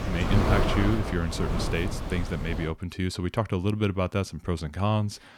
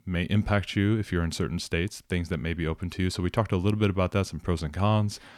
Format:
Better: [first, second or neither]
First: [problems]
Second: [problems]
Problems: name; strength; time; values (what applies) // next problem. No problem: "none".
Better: second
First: wind noise on the microphone; heavy; until 2.5 s; 1 dB below the speech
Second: none